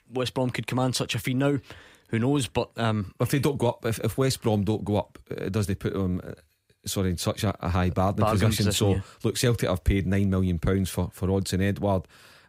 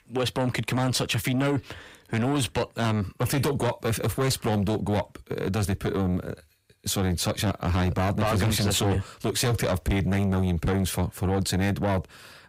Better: first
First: none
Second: distortion; heavy; 8 dB below the speech

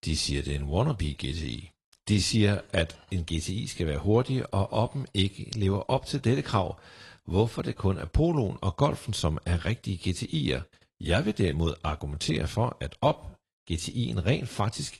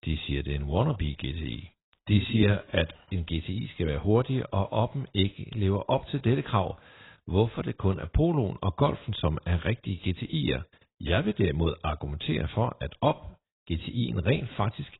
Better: first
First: garbled, watery; slightly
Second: garbled, watery; badly; nothing above 4 kHz

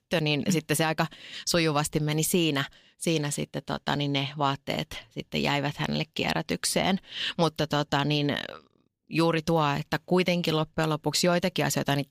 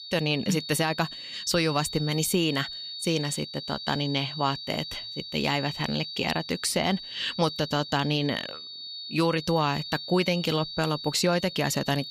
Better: first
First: none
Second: high-pitched whine; loud; throughout; 4.5 kHz, 9 dB below the speech

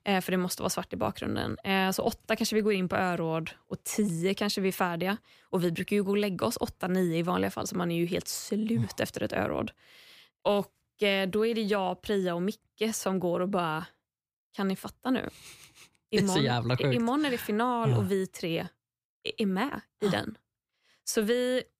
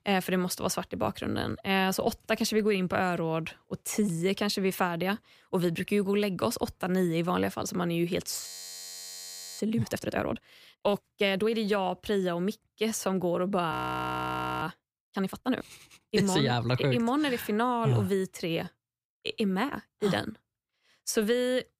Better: first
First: none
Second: audio freezing; at 8.5 s for 1 s and at 14 s for 1 s

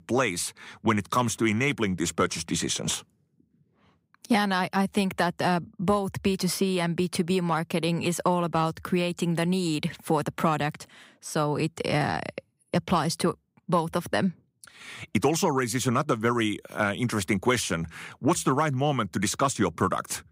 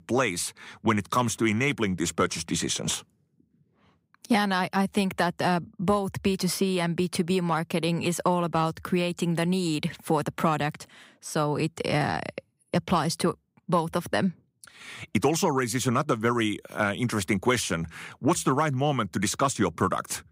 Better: neither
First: none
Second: none

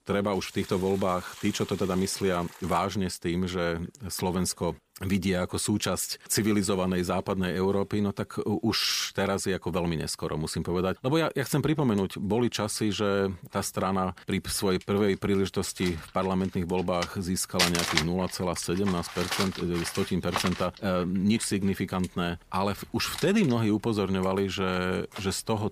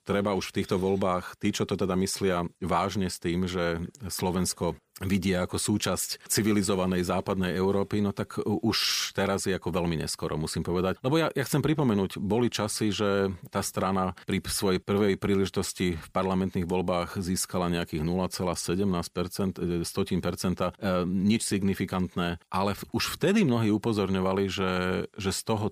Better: second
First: household noises; loud; throughout; 7 dB below the speech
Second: none

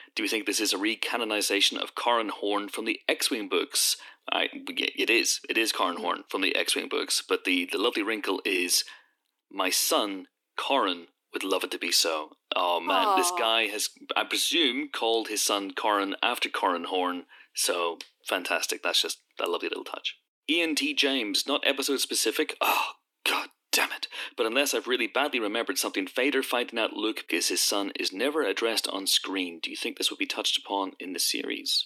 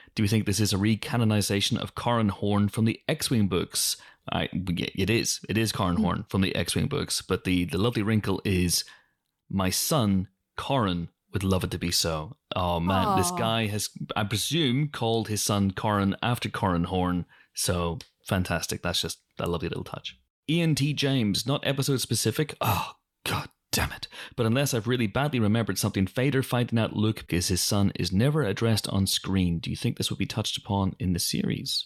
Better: second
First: thin; somewhat; fading below 300 Hz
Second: none

